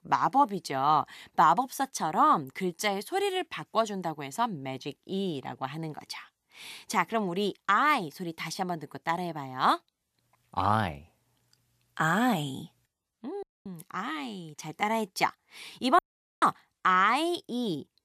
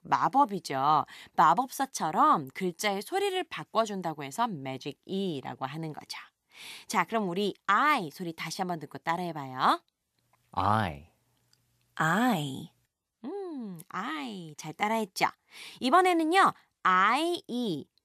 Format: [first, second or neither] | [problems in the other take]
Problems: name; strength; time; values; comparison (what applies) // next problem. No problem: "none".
second | audio cutting out; at 13 s and at 16 s